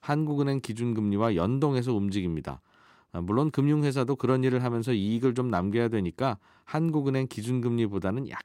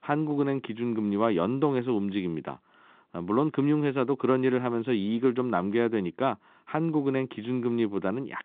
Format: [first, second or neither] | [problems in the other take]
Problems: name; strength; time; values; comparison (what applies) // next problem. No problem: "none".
first | phone-call audio; nothing above 3.5 kHz